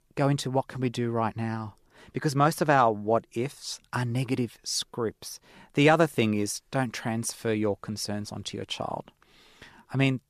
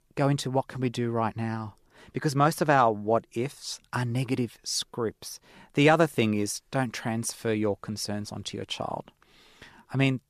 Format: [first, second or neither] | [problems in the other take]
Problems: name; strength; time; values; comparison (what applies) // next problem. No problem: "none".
neither | none